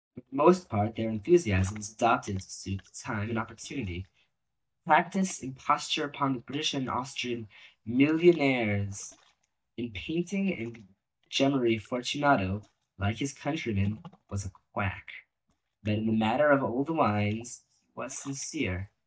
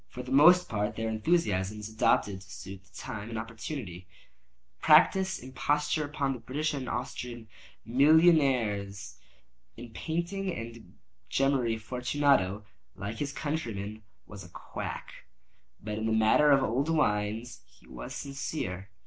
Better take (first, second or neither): second